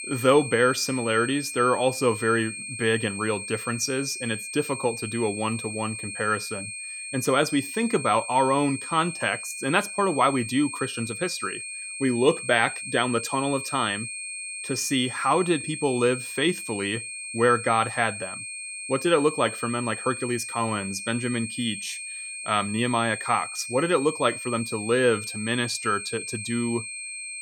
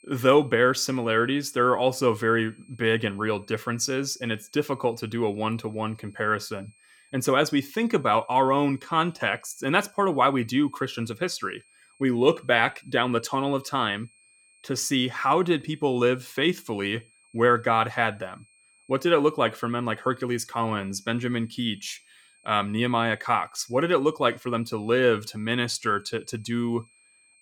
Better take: second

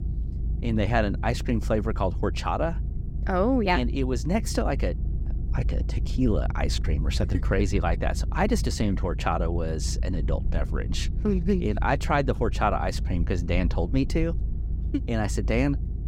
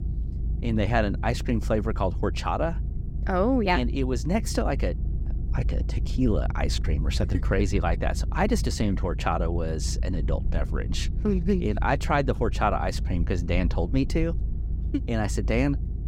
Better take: neither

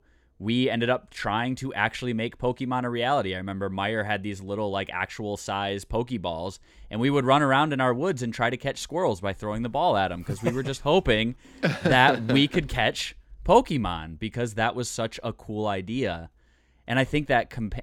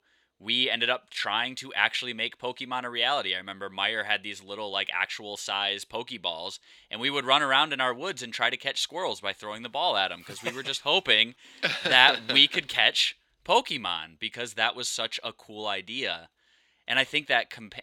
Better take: first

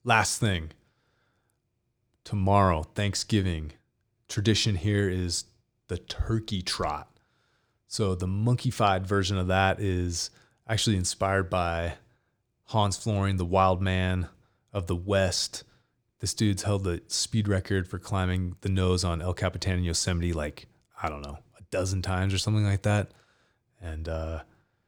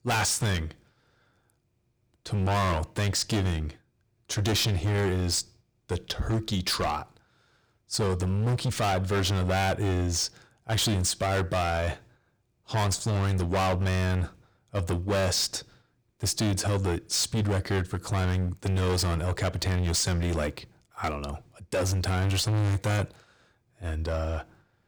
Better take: first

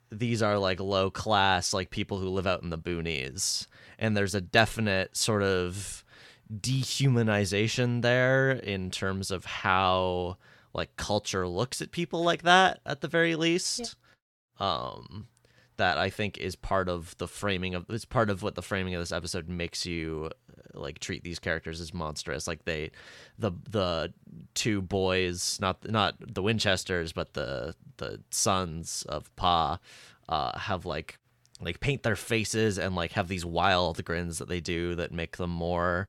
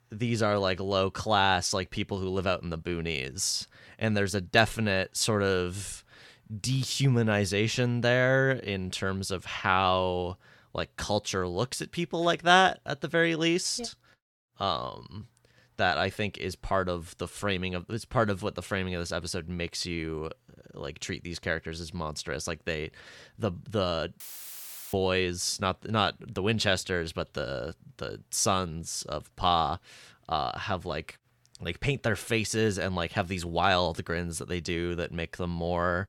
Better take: first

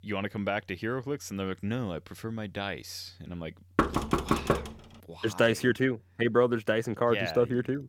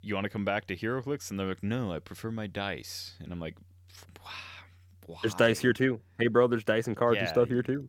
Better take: second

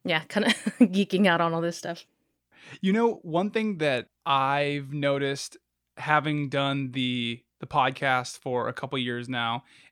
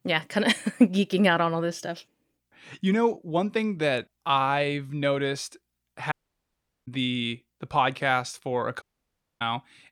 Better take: first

